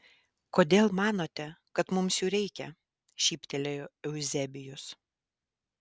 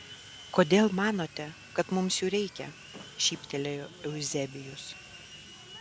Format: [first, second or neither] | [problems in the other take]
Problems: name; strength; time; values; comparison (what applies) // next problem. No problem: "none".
first | background sound (Sawing); 17 dB below the speech